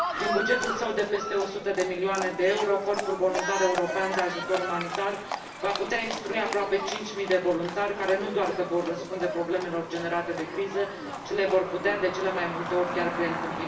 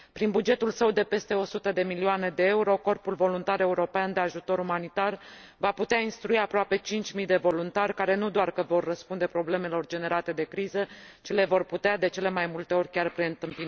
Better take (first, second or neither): second